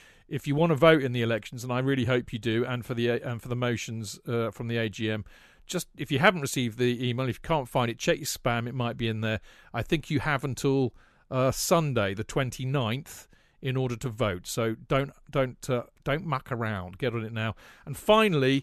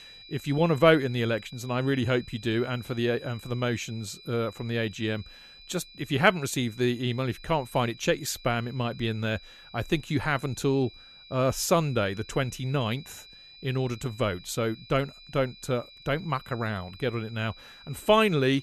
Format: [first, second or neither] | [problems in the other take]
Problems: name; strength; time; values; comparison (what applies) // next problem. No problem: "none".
first | high-pitched whine; noticeable; throughout; 4 kHz, 20 dB below the speech